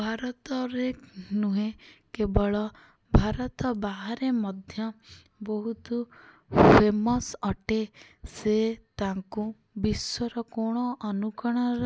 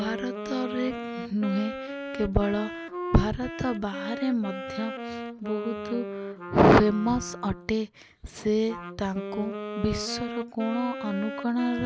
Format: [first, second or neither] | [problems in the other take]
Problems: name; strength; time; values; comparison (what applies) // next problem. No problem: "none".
first | background sound (Wind instrument, woodwind instrument); 9 dB below the speech